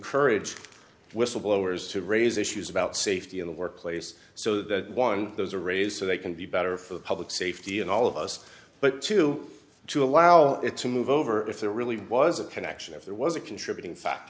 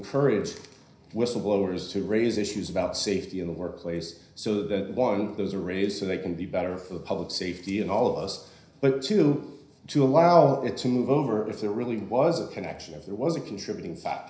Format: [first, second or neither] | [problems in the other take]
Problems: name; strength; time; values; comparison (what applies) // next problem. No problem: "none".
first | room echo; dies away in 0.5 s